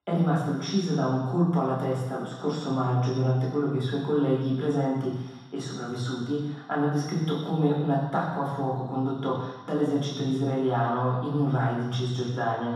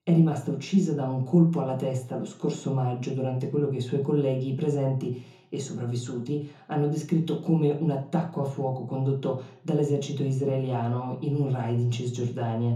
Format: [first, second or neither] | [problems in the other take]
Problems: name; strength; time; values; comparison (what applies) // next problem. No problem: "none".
second | room echo; strong; dies away in 1.2 s; slight in the second // off-mic speech; far; far in the second